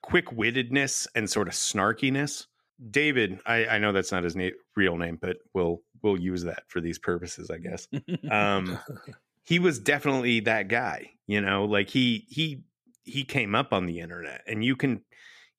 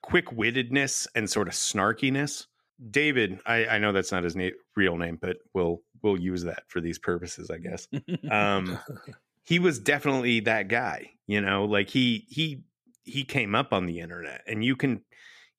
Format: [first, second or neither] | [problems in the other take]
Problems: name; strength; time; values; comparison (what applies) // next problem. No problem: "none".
neither | none